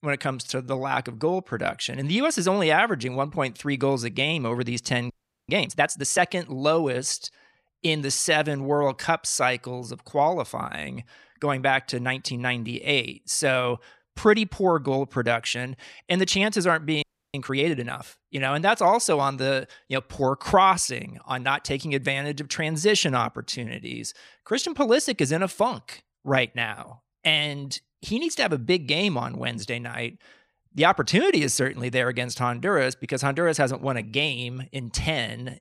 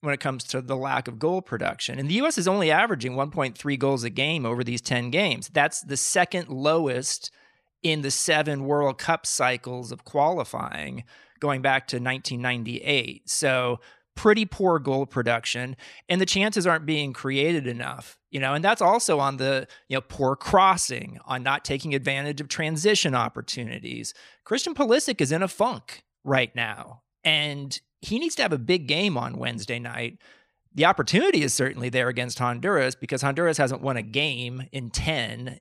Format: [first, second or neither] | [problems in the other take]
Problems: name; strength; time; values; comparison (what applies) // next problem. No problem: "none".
second | audio freezing; at 5 s and at 17 s